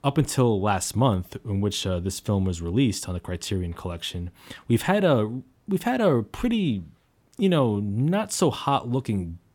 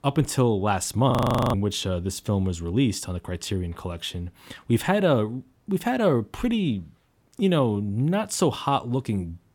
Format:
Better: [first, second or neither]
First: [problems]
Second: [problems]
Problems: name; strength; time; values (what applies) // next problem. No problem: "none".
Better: first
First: none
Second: audio freezing; at 1 s